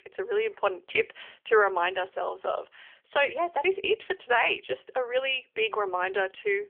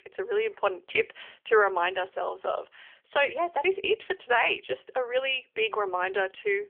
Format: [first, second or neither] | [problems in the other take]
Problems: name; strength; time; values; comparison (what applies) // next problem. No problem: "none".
neither | phone-call audio; nothing above 3 kHz; the same in both